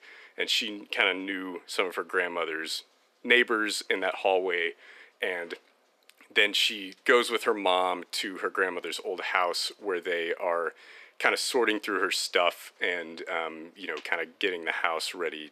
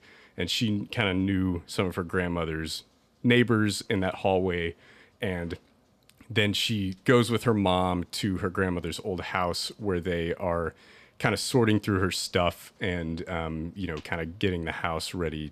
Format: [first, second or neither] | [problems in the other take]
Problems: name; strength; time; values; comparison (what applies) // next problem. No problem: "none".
second | thin; very; fading below 350 Hz